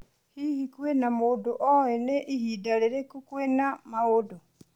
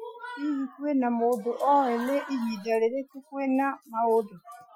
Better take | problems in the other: first | noise reduction (classical method Wiener filter)

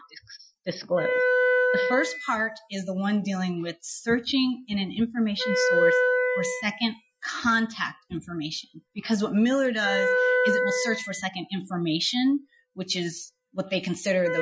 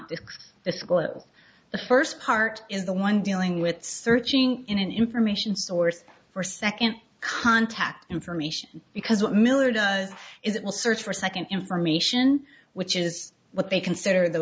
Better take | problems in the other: second | noise reduction (classical method Wiener filter)

